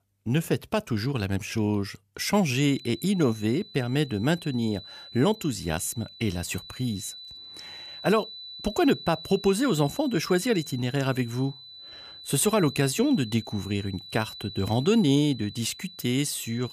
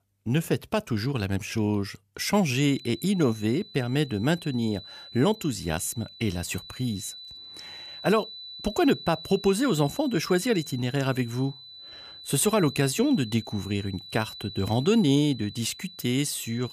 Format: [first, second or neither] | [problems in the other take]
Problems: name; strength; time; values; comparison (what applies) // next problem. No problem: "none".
neither | high-pitched whine; noticeable; from 2.5 s on; 4 kHz, 15 dB below the speech; the same in both